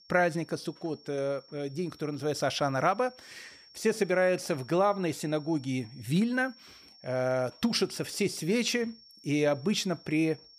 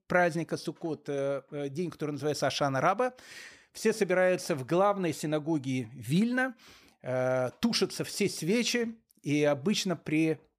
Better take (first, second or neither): second